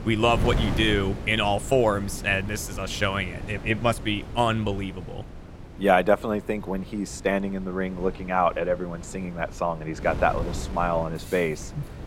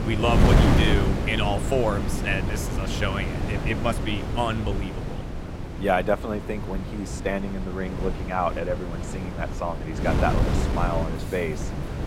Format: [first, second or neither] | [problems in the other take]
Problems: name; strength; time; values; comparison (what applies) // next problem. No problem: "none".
first | wind noise on the microphone; heavy; 5 dB below the speech; occasional gusts in the first